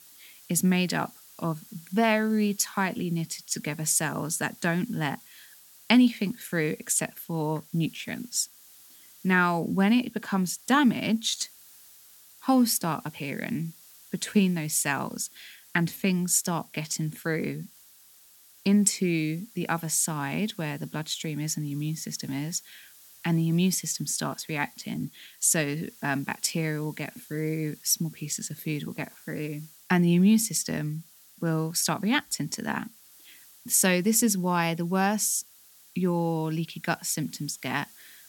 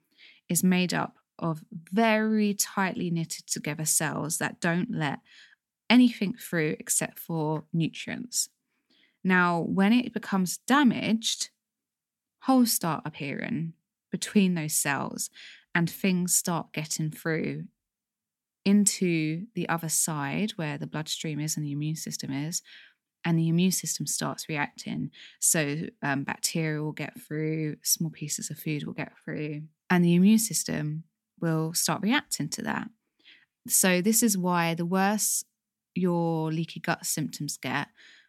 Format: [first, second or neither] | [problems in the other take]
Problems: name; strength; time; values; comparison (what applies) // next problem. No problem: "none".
second | hiss; faint; throughout; 25 dB below the speech